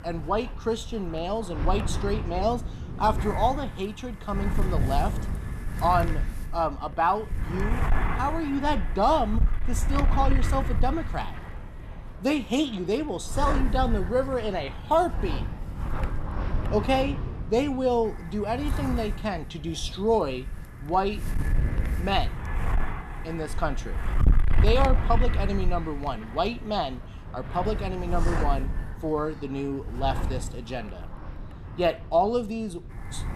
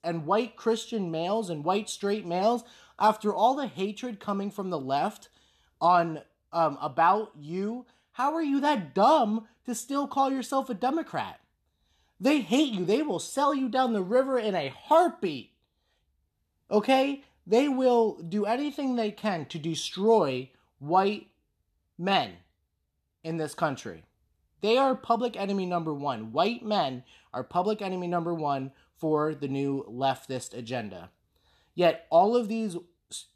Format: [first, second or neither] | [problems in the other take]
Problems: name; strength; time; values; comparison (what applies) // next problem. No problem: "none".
second | wind noise on the microphone; occasional gusts; 10 dB below the speech